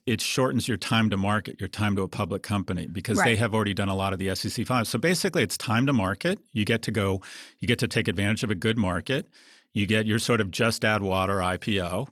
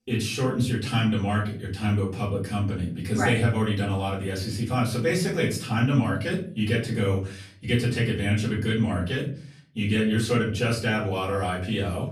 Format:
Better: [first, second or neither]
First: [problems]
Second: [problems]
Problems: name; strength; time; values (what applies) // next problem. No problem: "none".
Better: first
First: none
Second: off-mic speech; far // room echo; slight; dies away in 0.5 s